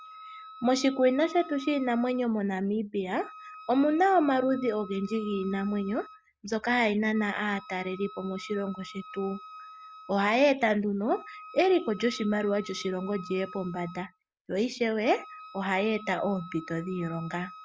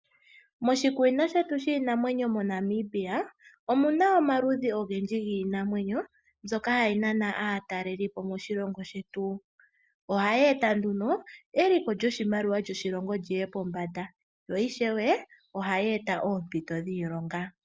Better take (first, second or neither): second